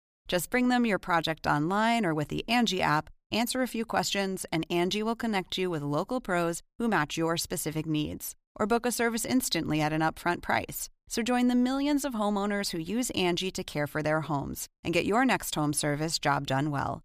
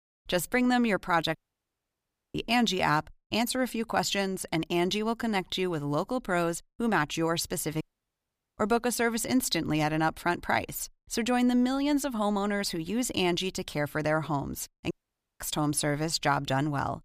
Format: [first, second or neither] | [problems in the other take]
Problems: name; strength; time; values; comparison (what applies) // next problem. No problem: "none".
first | audio cutting out; at 1.5 s for 1 s, at 8 s for 1 s and at 15 s